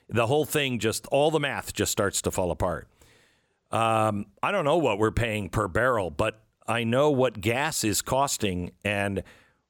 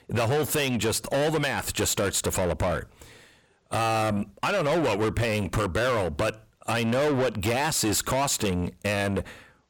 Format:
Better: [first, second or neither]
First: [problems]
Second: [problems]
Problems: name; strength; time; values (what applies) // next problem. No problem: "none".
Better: first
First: none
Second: distortion; heavy; 6 dB below the speech